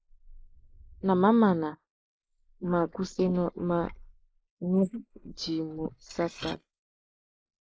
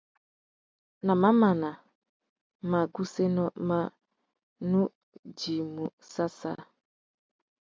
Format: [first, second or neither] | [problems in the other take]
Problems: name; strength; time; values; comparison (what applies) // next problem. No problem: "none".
second | noise reduction (neural mask model Resemble Enhance denoiser)